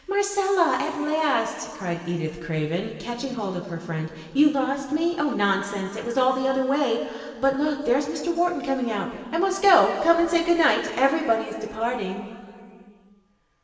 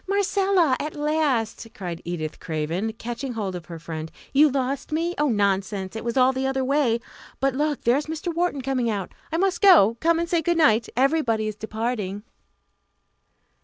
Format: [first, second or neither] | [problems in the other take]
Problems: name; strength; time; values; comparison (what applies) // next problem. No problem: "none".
second | room echo; dies away in 2.4 s